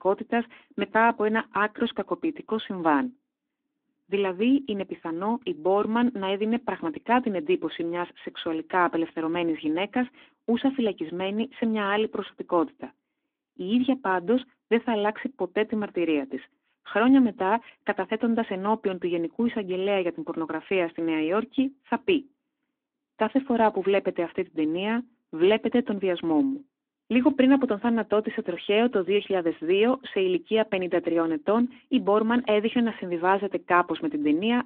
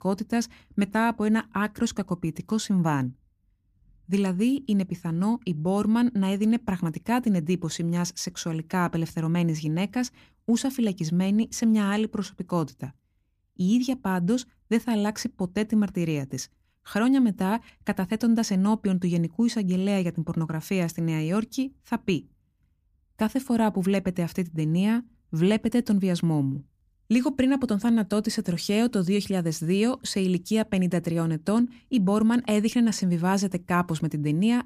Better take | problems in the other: second | phone-call audio; nothing above 3.5 kHz

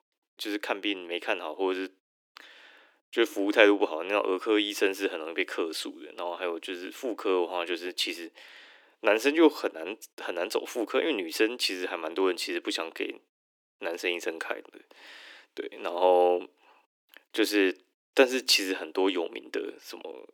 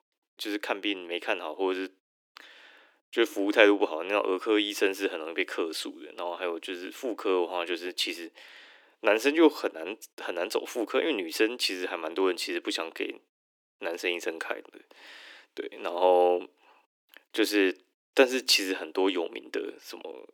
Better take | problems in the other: neither | thin; somewhat; fading below 300 Hz; the same in both

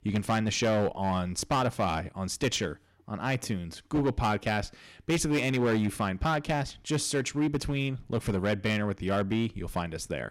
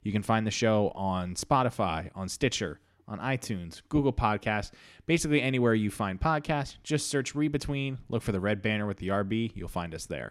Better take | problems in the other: second | distortion; slight; 8% of the sound clipped

